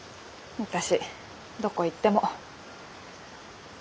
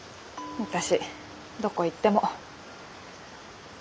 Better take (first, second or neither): first